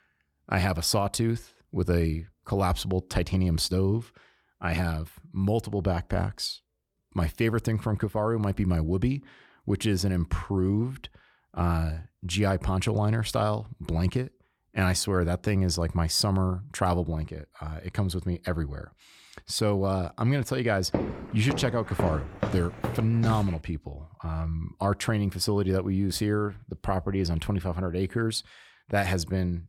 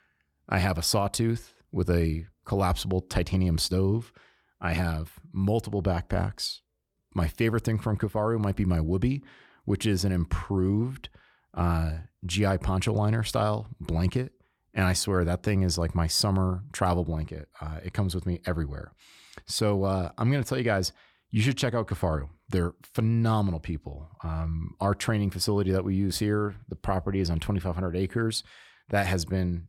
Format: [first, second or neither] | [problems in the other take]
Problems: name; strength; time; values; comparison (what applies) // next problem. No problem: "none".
second | footsteps; noticeable; from 21 to 23 s; peak 3 dB below the speech